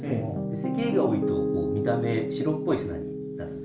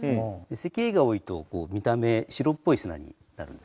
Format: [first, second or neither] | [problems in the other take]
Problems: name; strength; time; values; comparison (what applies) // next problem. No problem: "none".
second | background sound (Piano); 1 dB above the speech // room echo; dies away in 0.4 s